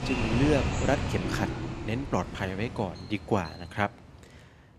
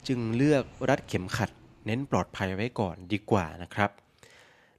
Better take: second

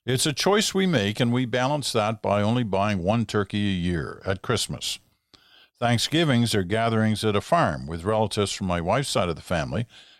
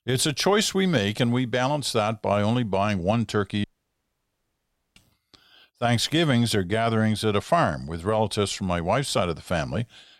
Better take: first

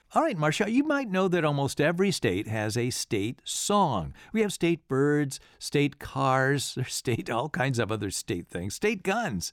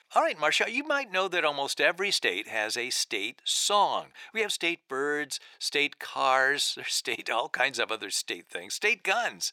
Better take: first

